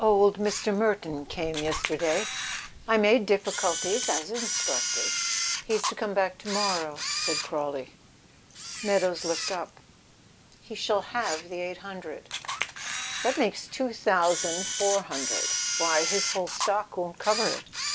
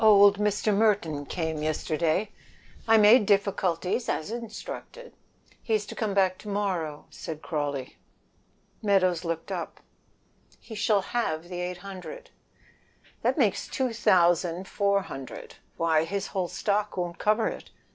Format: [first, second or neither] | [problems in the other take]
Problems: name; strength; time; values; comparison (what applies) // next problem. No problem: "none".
second | background sound (Camera); 4 dB below the speech